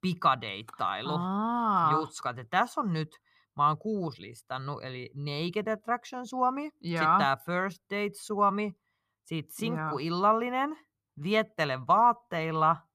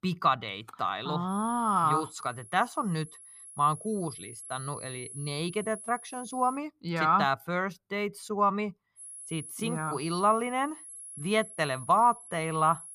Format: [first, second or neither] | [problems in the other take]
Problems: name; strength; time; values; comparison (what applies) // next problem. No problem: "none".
first | high-pitched whine; noticeable; from 1.5 to 6.5 s and from 9 s on; 11 kHz, 15 dB below the speech